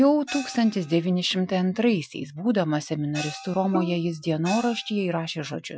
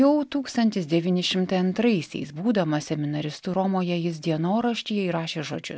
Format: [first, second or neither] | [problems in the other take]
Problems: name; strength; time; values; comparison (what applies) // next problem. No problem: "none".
second | noise reduction (classical method Wiener filter)